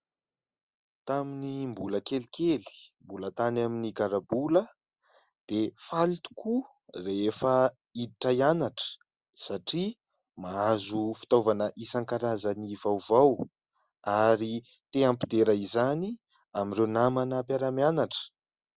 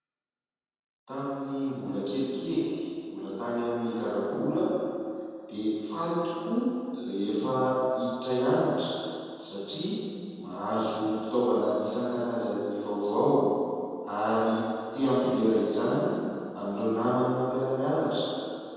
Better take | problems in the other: first | room echo; dies away in 2.1 s

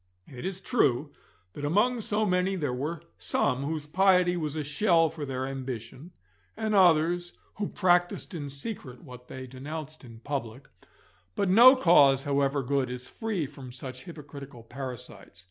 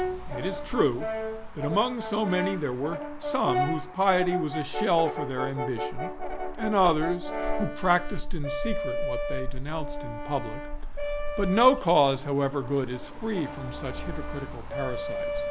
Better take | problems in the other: first | background sound (Motor vehicle (road) + Brass instrument); 3 dB below the speech

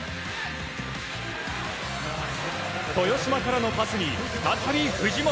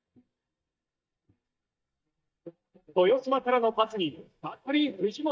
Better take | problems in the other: first | noise reduction (neural mask model DeepFilterNet 3)

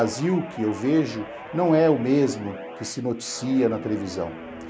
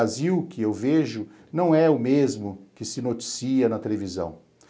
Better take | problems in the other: second | background sound (Guitar); 14 dB below the speech

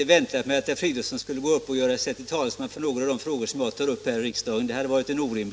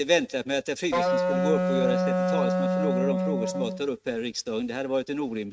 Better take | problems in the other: first | noise reduction (neural mask model RNNoise)

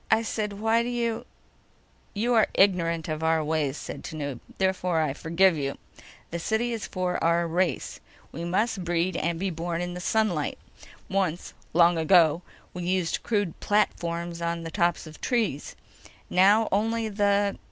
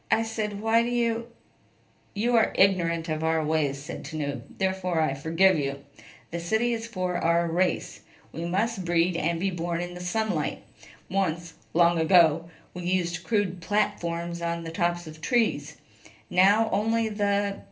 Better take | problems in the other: first | room echo; dies away in 0.3 s

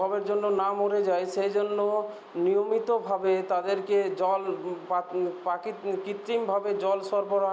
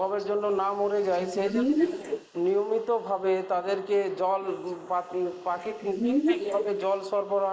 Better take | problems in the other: first | noise reduction (neural mask model Resemble Enhance denoiser)

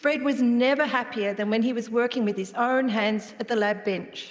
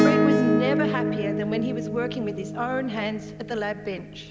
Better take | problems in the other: first | background sound (Acoustic guitar / Strum); 3 dB above the speech

